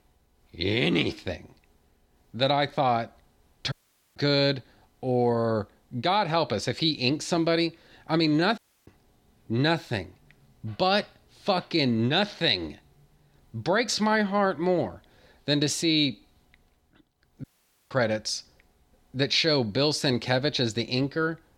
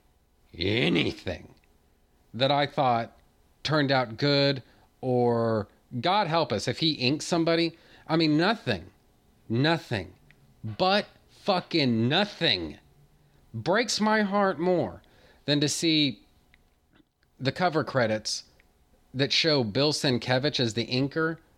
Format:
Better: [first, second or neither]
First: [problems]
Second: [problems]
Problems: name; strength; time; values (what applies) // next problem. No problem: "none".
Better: second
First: audio cutting out; at 3.5 s, at 8.5 s and at 17 s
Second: none